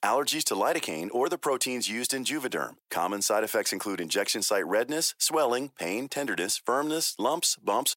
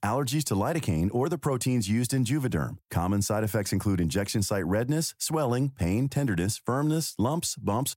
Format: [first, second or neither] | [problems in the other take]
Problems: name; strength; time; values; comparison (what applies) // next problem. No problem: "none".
second | thin; very; fading below 400 Hz